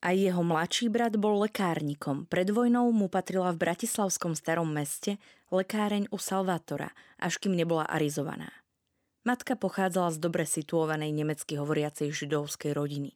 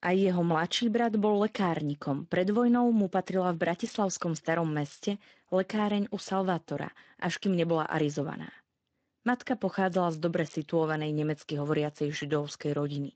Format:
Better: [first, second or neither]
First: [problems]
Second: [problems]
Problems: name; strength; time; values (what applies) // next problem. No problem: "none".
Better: first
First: none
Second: garbled, watery; slightly; nothing above 7.5 kHz